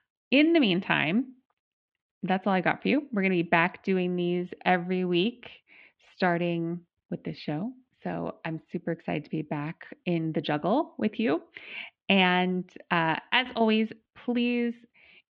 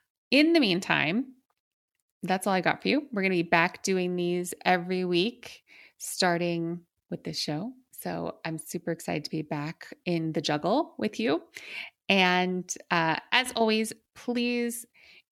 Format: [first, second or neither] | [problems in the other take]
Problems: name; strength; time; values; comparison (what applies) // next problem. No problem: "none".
second | muffled; very; fading above 3.5 kHz